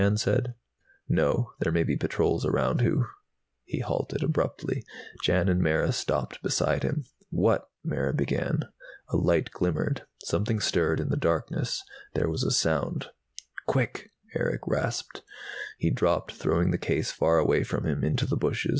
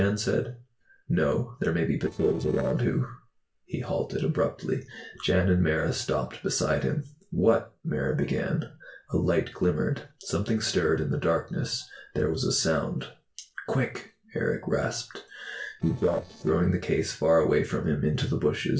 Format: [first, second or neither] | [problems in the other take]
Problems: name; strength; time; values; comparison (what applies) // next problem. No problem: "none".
first | noise reduction (neural separator model SepFormer DNS4)